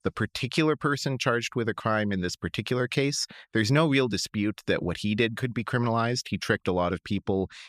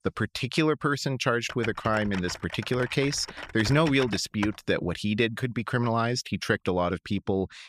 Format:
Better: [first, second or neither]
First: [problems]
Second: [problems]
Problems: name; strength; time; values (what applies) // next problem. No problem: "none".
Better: first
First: none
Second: keyboard typing; noticeable; from 1.5 to 4.5 s; peak 9 dB below the speech